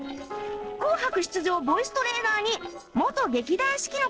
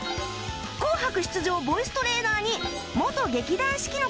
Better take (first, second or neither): second